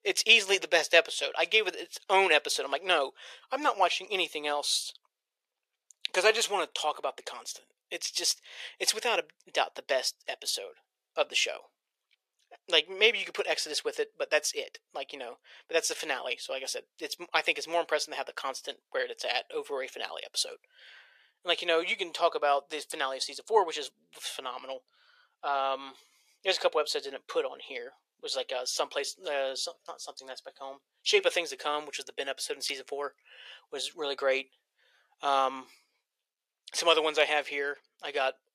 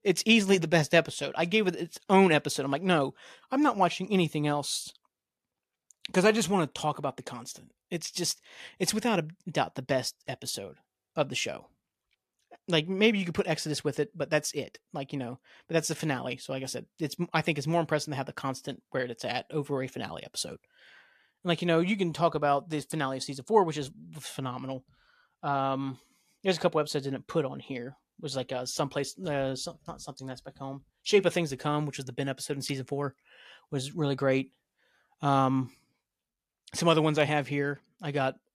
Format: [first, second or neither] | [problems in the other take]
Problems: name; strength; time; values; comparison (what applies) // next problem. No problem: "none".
second | thin; very; fading below 450 Hz